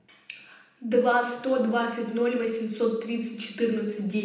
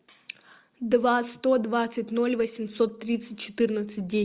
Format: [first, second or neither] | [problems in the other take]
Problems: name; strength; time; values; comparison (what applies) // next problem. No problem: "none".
second | room echo; dies away in 0.8 s